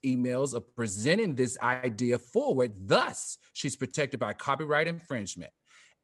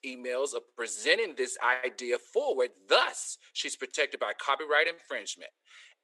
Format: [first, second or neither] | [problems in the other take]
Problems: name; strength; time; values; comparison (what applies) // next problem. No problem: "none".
first | thin; very; fading below 350 Hz